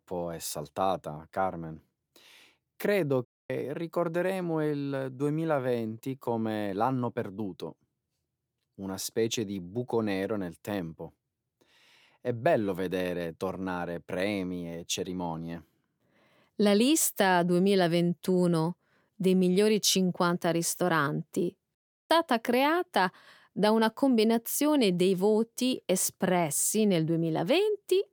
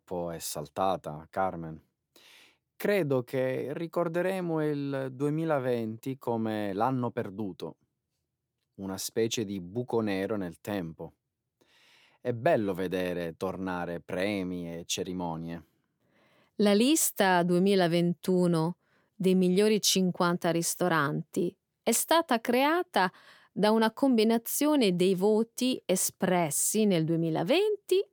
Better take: second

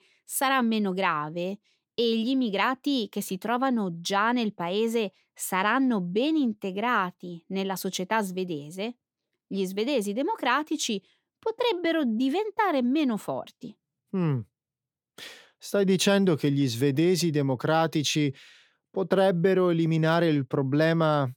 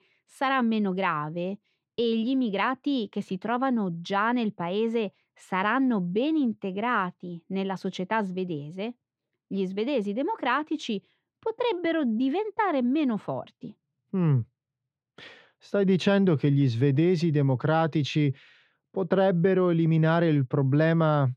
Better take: first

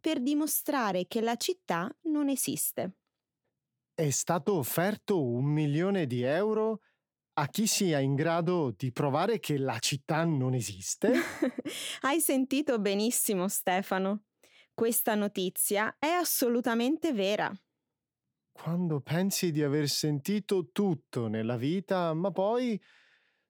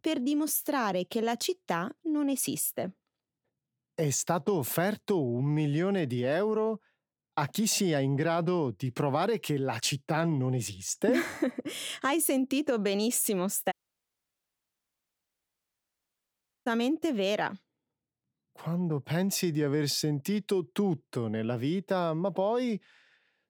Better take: first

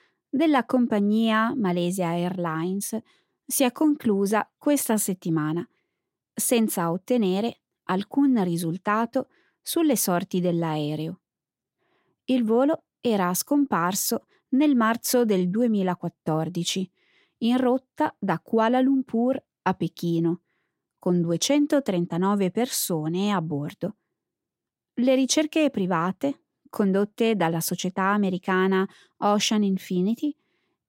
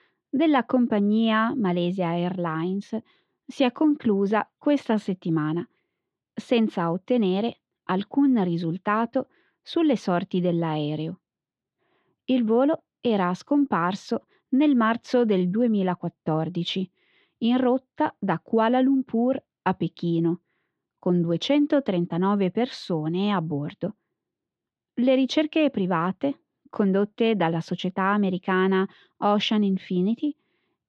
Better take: first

